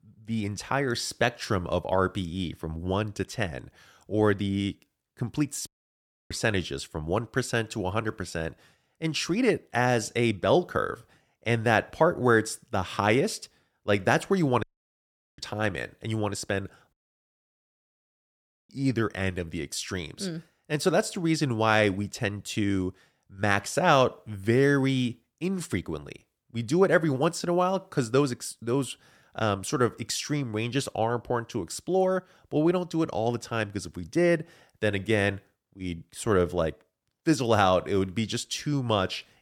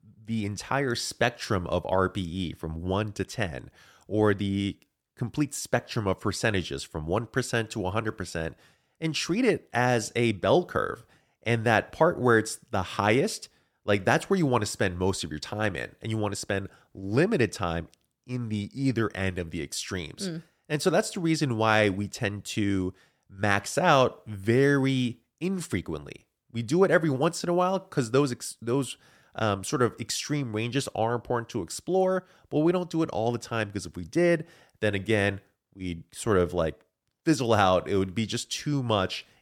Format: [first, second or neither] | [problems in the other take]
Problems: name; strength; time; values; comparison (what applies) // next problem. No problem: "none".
second | audio cutting out; at 5.5 s for 0.5 s, at 15 s for 1 s and at 17 s for 2 s